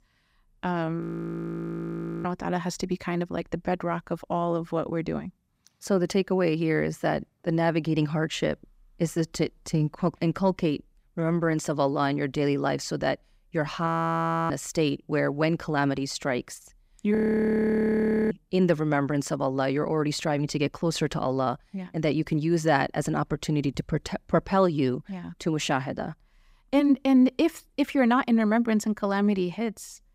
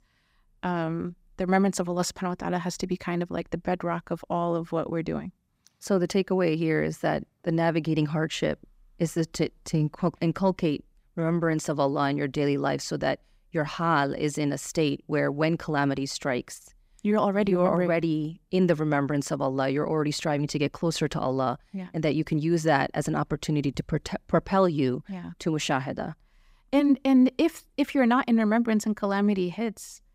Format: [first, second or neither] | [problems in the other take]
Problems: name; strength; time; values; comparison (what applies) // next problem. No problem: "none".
second | audio freezing; at 1 s for 1 s, at 14 s for 0.5 s and at 17 s for 1 s